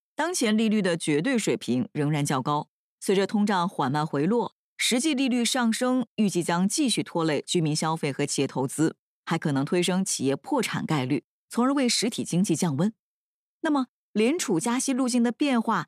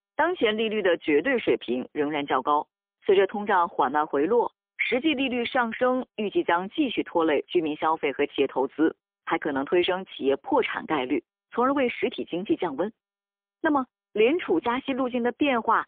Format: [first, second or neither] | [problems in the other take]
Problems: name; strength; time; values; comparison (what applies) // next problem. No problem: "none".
first | phone-call audio; poor line; nothing above 3.5 kHz